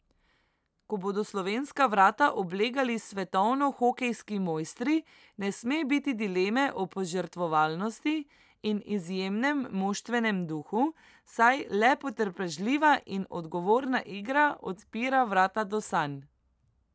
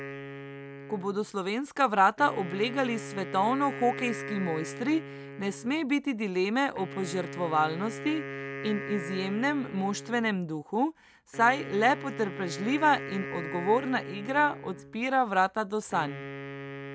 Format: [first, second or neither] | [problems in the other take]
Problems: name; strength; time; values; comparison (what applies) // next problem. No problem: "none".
first | background sound (Wind instrument, woodwind instrument); 11 dB below the speech